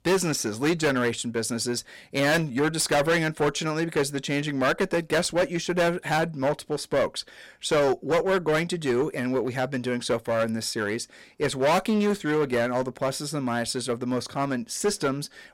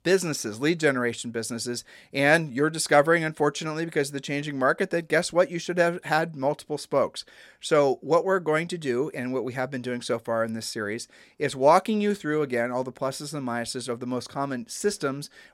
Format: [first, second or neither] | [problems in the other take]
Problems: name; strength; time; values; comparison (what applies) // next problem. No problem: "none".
second | distortion; heavy; 10% of the sound clipped